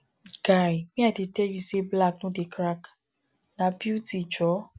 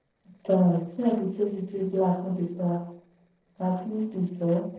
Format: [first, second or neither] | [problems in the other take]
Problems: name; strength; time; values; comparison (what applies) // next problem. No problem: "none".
first | noise reduction (neural separator model SepFormer DNS4)